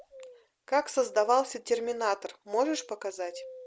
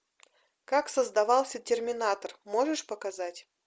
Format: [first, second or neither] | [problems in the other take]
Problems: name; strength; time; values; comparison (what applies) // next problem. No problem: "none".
second | background sound (Bird vocalization, bird call, bird song); 19 dB below the speech